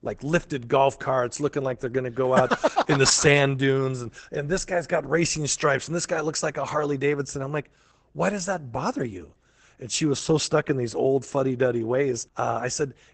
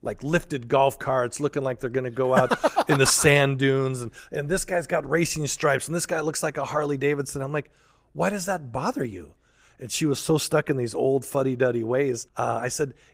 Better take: second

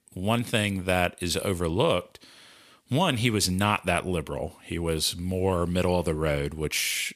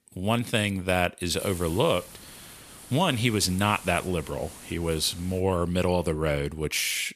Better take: first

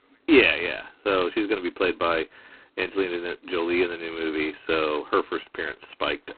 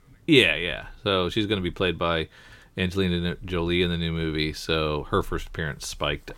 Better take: second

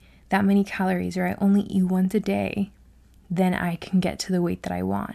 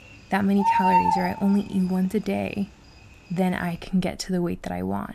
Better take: first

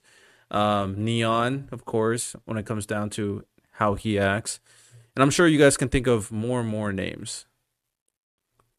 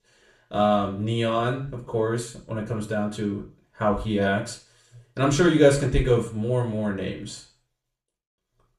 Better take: first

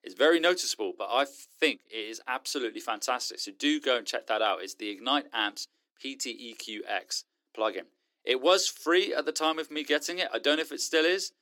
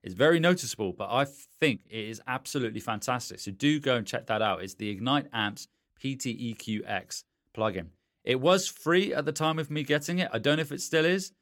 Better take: second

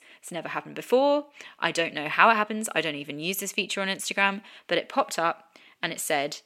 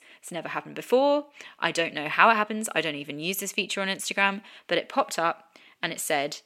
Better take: neither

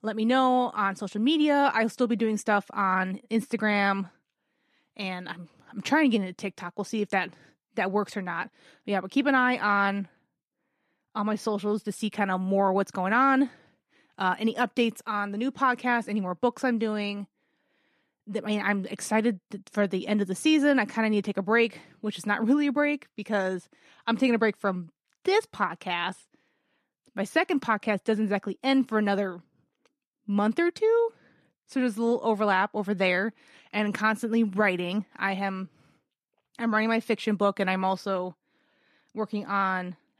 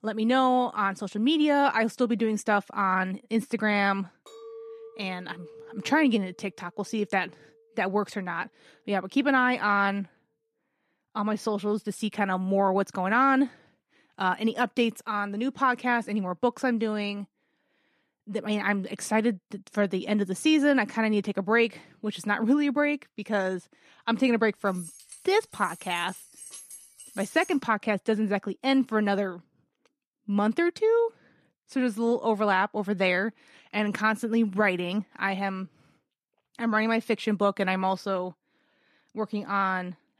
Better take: first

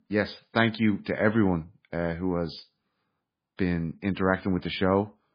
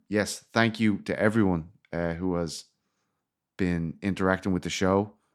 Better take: second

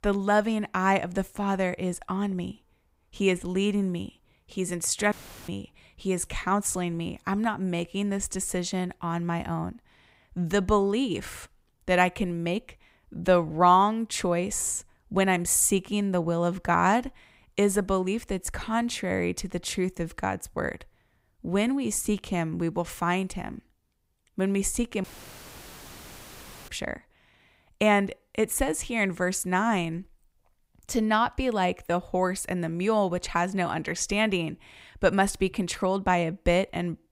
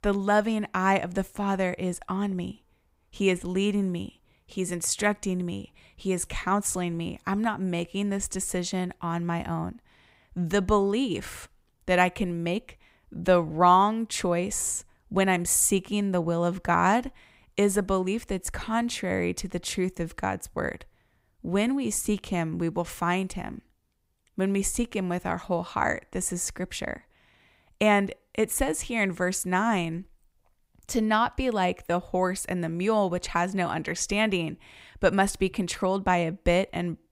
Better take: second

